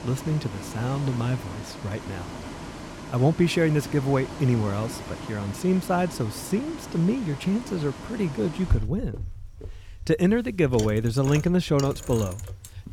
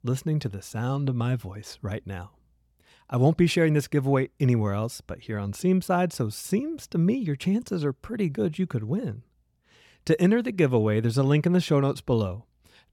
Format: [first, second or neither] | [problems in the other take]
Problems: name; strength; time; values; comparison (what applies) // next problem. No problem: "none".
second | traffic noise; noticeable; throughout; 10 dB below the speech